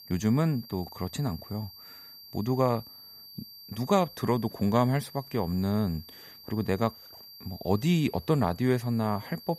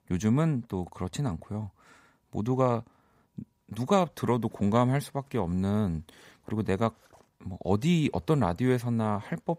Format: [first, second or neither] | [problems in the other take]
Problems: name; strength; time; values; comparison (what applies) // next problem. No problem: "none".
second | high-pitched whine; noticeable; throughout; 4.5 kHz, 15 dB below the speech